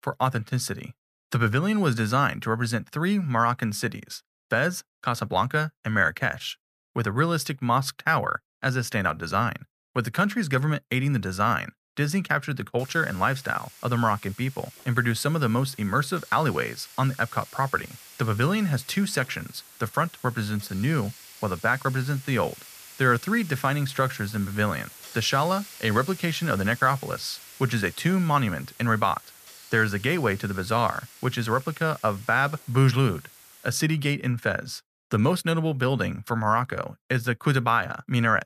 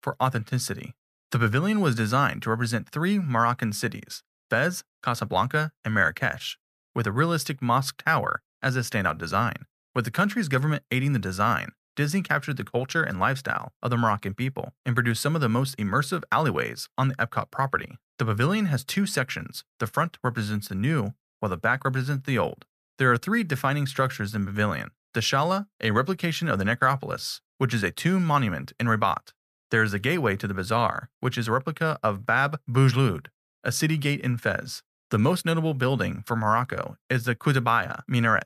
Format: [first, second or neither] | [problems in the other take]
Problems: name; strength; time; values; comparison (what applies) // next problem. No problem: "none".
second | hiss; noticeable; from 13 to 34 s; 20 dB below the speech